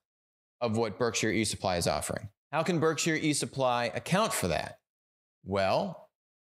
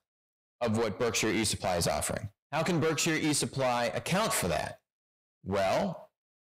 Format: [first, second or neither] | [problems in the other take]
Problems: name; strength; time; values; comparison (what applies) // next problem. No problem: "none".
first | distortion; heavy; 13% of the sound clipped